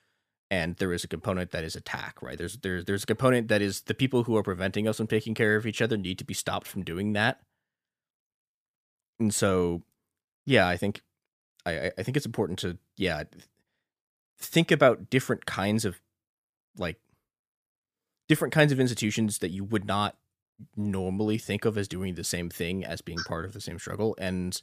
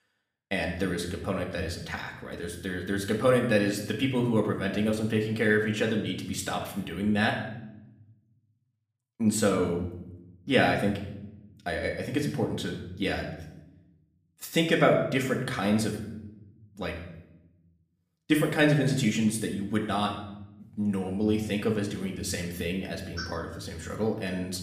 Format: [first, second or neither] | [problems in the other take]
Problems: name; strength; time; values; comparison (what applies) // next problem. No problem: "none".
first | room echo; slight; dies away in 0.8 s // off-mic speech; somewhat distant